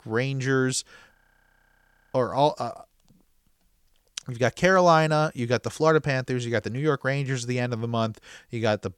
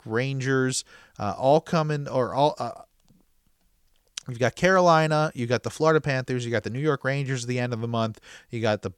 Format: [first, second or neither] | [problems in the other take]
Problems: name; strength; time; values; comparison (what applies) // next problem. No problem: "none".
second | audio freezing; at 1 s for 1 s